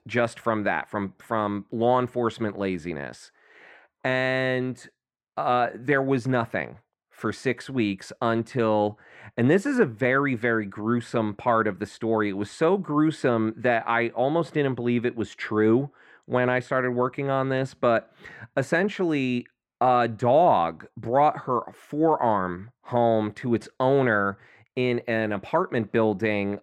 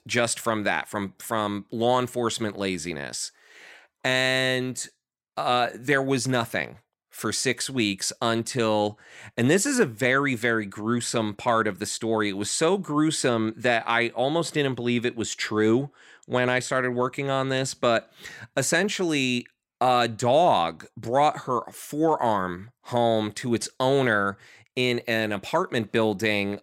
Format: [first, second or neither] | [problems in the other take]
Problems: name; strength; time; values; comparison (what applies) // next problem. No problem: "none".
second | muffled; very; fading above 3.5 kHz